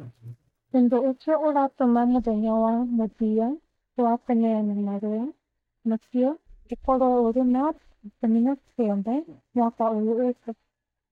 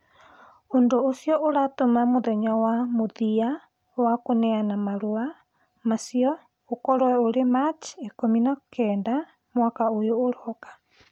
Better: second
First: noise reduction (neural mask model DeepFilterNet 3)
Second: none

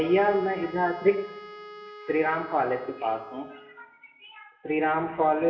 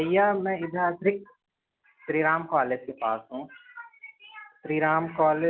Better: second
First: background sound (Wind instrument, woodwind instrument); 18 dB below the speech // room echo; dies away in 1.6 s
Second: none

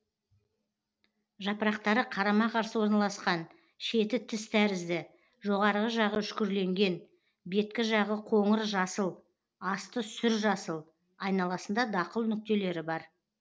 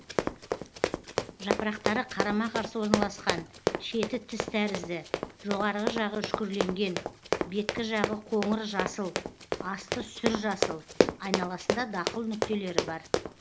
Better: first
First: none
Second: background sound (Run); as loud as the speech

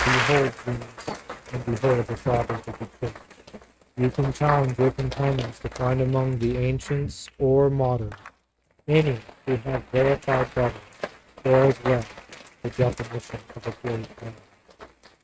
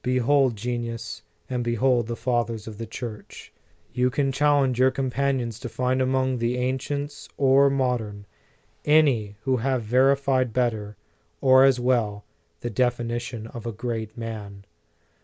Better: second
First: noise reduction (neural mask model RNNoise)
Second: none

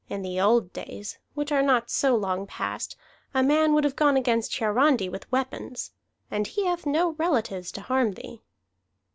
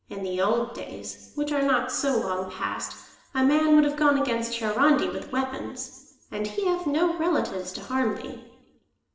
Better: first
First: none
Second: room echo; dies away in 1 s

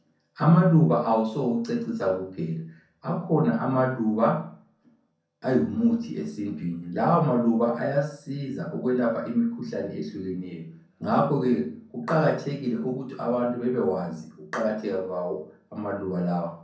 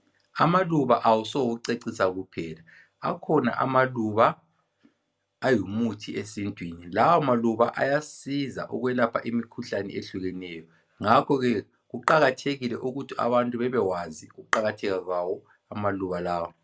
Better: second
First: room echo; dies away in 0.5 s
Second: none

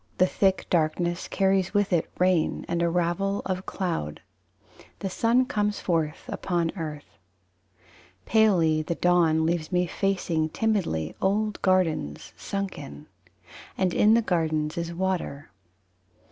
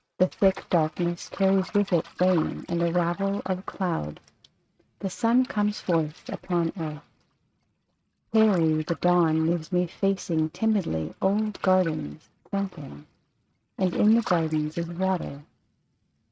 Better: first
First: none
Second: noise reduction (neural mask model RNNoise)

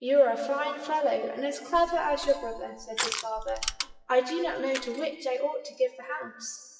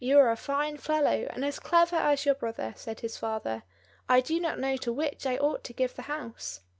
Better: second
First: noise reduction (classical method WPE with log-MMSE)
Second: none

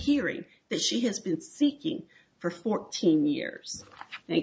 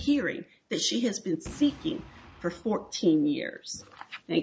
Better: first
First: none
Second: background sound (Boom); 19 dB below the speech

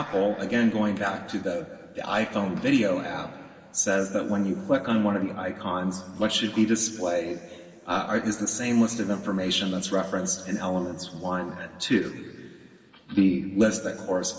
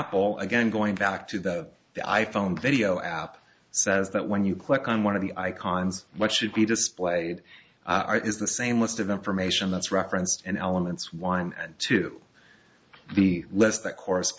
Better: second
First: room echo; dies away in 2.3 s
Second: none

